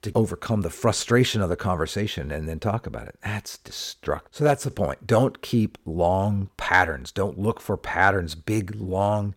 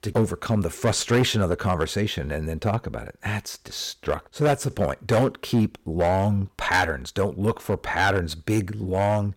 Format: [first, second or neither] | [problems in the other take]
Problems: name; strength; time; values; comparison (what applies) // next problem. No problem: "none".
first | distortion; slight; 4% of the sound clipped